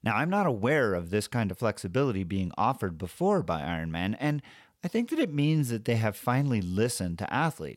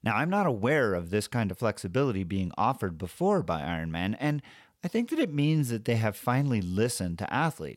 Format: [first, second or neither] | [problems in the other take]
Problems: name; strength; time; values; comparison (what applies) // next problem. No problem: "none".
neither | none